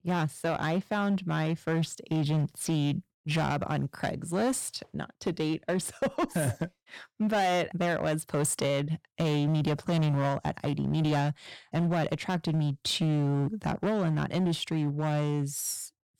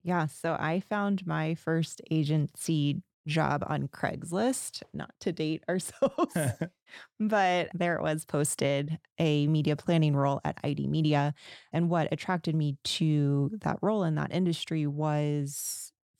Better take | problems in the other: second | distortion; slight; 12% of the sound clipped

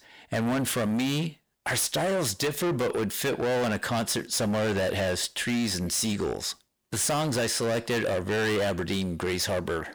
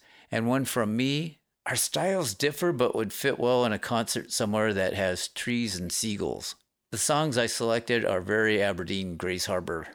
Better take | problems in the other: second | distortion; heavy; 23% of the sound clipped

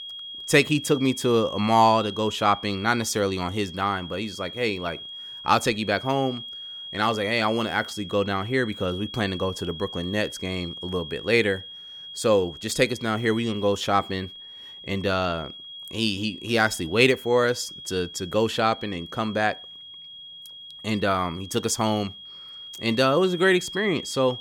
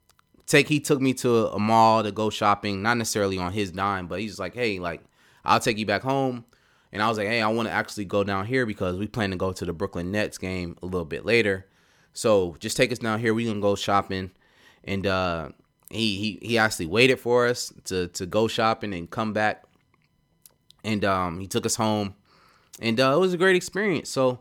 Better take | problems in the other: second | high-pitched whine; noticeable; throughout; 3.5 kHz, 15 dB below the speech

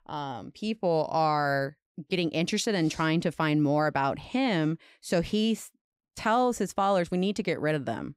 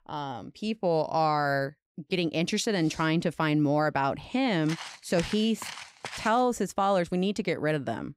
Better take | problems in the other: first | footsteps; faint; from 4.5 to 6.5 s; peak 10 dB below the speech

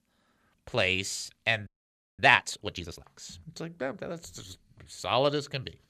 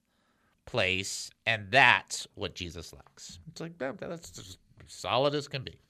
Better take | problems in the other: second | audio freezing; at 1.5 s for 0.5 s

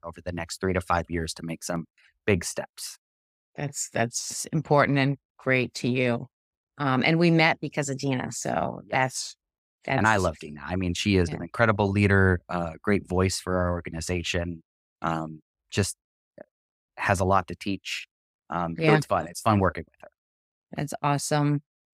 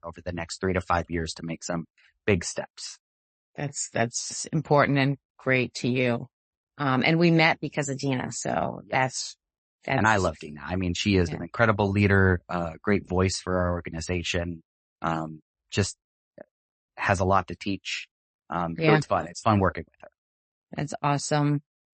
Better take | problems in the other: first | garbled, watery; slightly; nothing above 8 kHz

